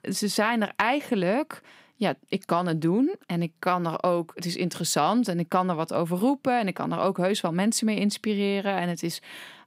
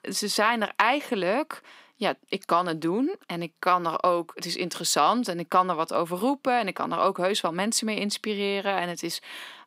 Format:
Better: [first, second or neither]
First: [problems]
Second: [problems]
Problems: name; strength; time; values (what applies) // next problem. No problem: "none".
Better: first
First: none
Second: thin; very slightly; fading below 250 Hz